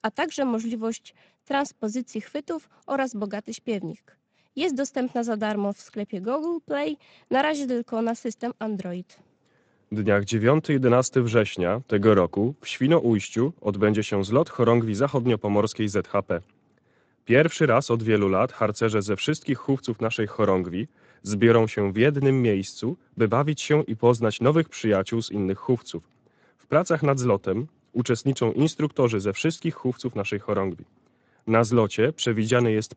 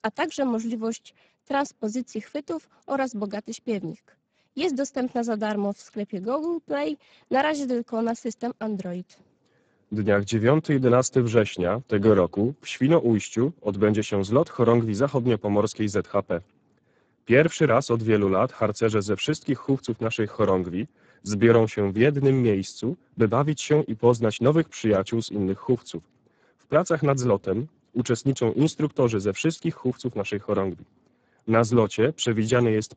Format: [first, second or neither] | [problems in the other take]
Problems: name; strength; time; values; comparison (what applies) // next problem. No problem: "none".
first | garbled, watery; badly; nothing above 7.5 kHz; slightly in the first